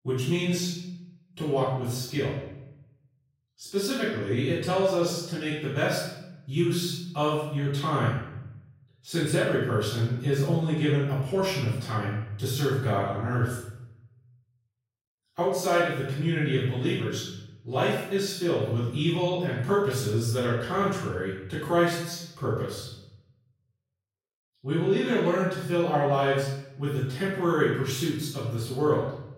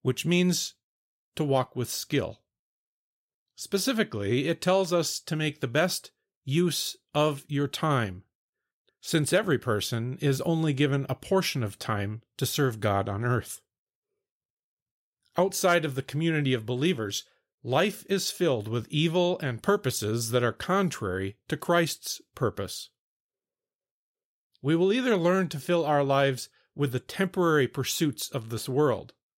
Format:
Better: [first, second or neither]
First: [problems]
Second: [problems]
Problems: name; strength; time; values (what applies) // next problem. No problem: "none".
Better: second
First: off-mic speech; far // room echo; noticeable; dies away in 0.8 s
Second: none